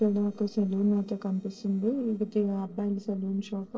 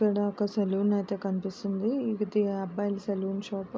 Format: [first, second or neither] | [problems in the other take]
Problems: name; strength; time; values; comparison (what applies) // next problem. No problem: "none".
second | noise reduction (neural separator model SepFormer DNS4)